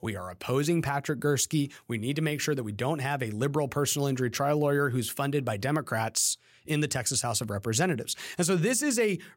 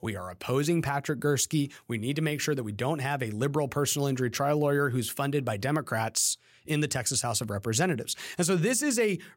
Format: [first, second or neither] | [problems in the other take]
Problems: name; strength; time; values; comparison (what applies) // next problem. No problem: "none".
neither | none